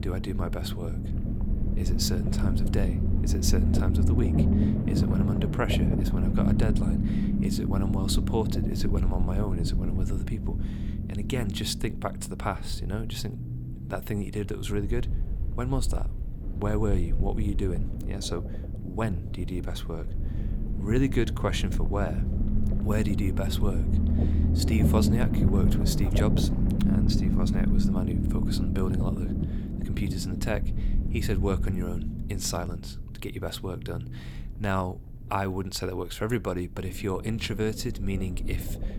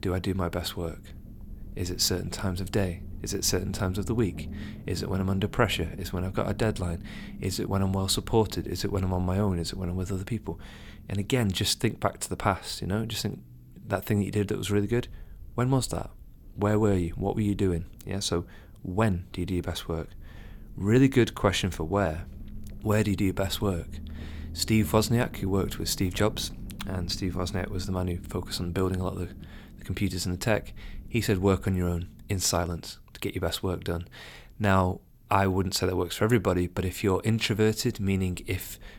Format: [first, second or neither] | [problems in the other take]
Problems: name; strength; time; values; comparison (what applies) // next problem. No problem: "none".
second | low rumble; loud; throughout; 3 dB below the speech; faint in the second